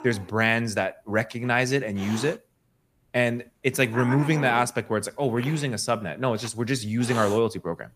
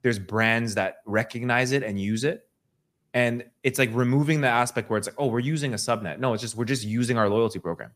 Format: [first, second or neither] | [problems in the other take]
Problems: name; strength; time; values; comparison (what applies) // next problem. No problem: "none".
second | hiss; noticeable; throughout; 10 dB below the speech